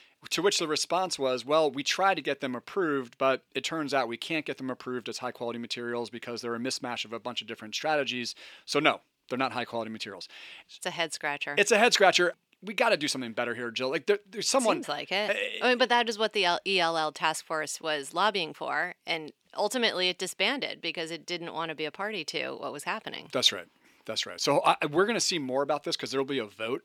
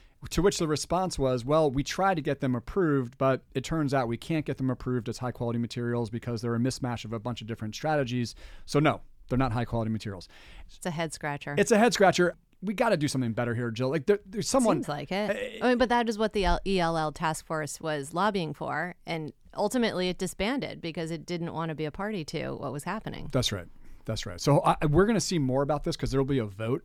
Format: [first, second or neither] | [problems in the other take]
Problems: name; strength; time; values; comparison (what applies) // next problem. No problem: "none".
second | thin; somewhat; fading below 350 Hz